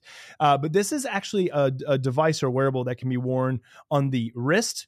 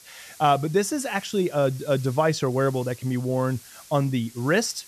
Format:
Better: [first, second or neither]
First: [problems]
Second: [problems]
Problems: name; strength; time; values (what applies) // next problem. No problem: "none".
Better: first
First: none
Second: hiss; faint; throughout; 20 dB below the speech